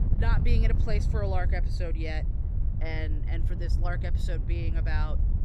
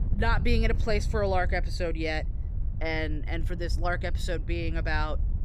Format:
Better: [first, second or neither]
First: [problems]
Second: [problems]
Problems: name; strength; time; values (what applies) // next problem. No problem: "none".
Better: second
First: wind noise on the microphone; heavy; 8 dB below the speech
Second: wind noise on the microphone; occasional gusts; 20 dB below the speech